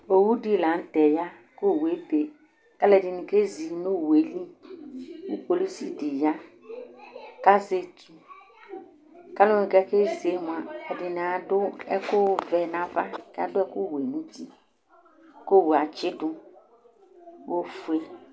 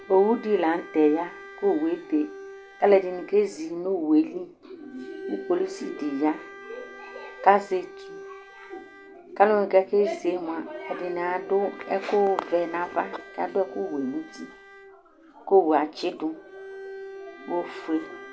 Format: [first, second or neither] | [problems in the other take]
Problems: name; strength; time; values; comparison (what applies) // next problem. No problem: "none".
first | background sound (Bowed string instrument); 18 dB below the speech